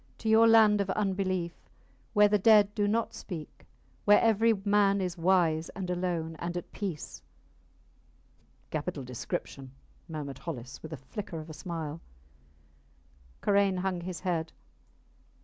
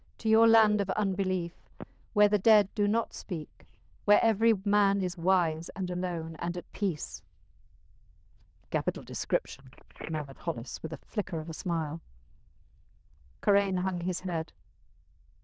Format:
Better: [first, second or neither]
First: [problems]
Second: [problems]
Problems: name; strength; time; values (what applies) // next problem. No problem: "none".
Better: first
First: none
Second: noise reduction (neural diffusion model UNIVERSE++)